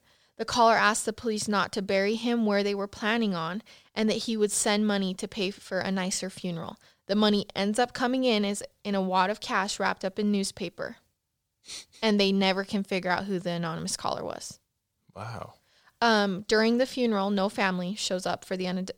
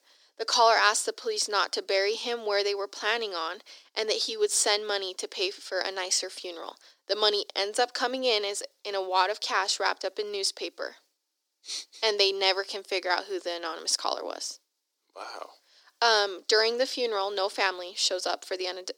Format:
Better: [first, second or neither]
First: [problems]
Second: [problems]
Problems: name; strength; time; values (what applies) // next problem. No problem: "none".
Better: first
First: none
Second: thin; very; fading below 300 Hz